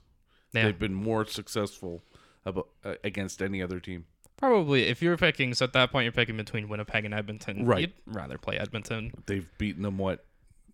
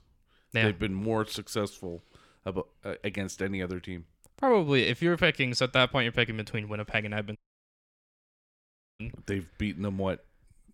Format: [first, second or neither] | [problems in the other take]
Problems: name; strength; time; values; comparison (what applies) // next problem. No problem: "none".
first | audio cutting out; at 7.5 s for 1.5 s